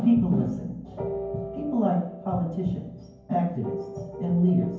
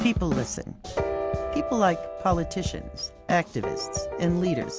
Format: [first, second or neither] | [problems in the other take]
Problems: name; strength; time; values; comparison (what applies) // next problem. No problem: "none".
second | room echo; dies away in 0.9 s